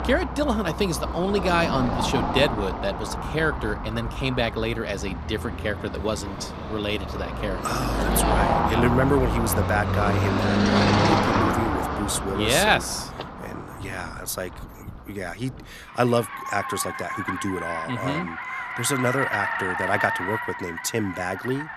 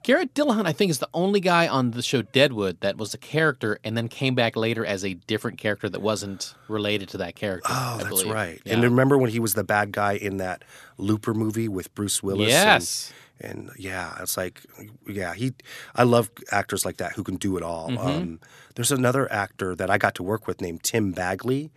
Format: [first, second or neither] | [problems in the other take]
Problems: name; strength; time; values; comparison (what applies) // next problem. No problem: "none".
second | traffic noise; loud; throughout; 1 dB below the speech